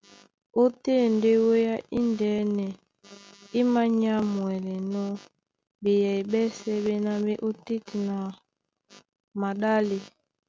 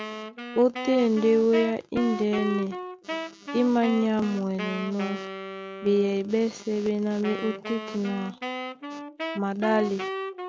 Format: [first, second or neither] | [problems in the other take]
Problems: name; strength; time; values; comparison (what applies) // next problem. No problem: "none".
first | background sound (Wind instrument, woodwind instrument); 9 dB below the speech